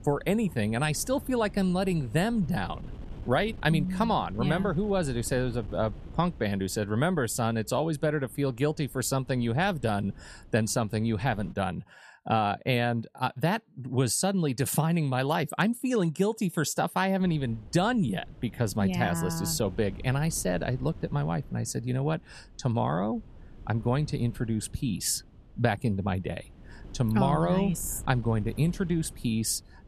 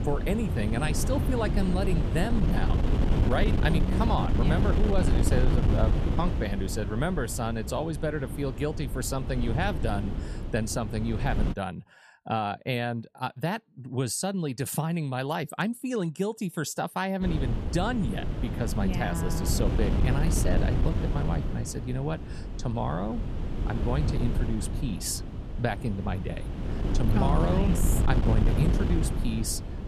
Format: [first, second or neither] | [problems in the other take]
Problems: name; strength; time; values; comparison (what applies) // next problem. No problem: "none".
first | wind noise on the microphone; heavy; until 12 s and from 17 s on; 5 dB below the speech; occasional gusts in the first